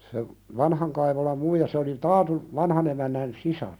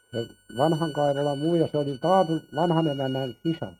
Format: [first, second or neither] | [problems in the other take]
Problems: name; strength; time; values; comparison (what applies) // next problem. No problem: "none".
first | noise reduction (neural mask model RNNoise)